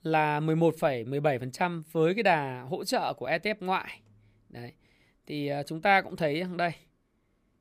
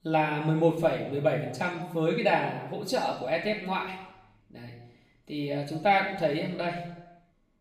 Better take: first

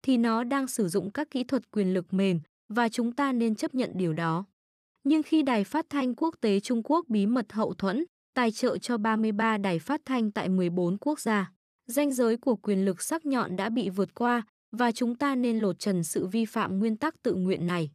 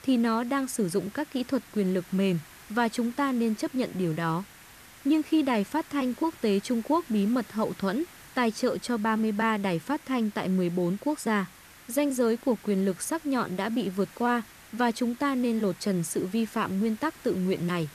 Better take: first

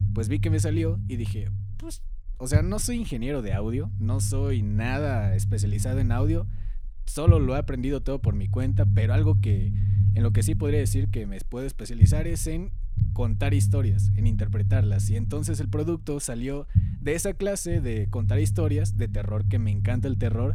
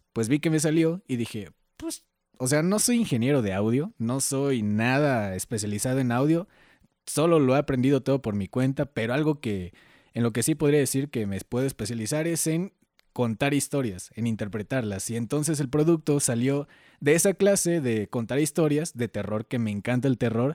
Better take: second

